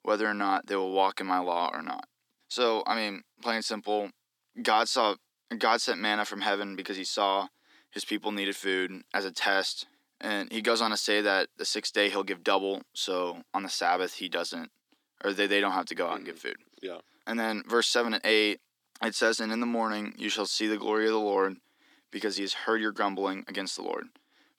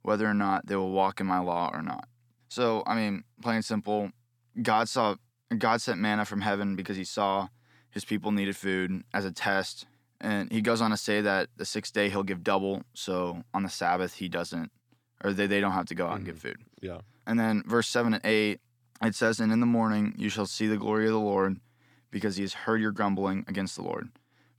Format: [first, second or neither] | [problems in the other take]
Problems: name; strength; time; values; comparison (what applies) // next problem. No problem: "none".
second | thin; somewhat; fading below 300 Hz